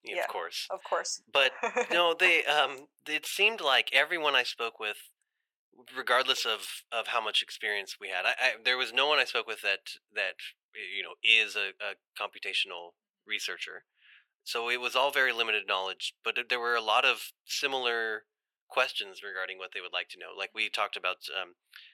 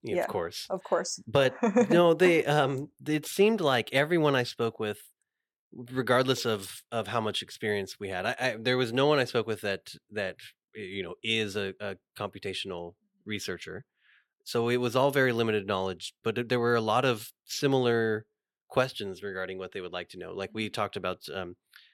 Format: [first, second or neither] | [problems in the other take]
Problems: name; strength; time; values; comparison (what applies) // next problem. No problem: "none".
second | thin; very; fading below 750 Hz